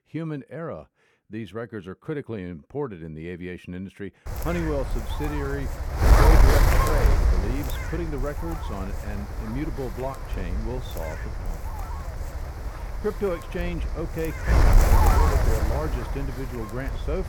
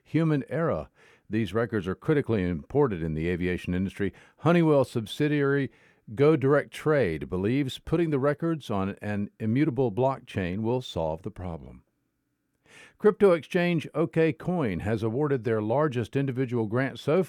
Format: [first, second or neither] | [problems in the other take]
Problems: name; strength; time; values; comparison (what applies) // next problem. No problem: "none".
second | wind noise on the microphone; heavy; from 4.5 s on; 3 dB above the speech